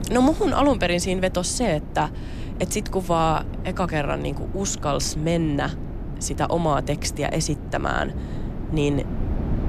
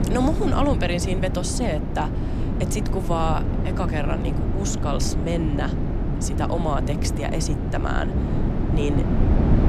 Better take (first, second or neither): first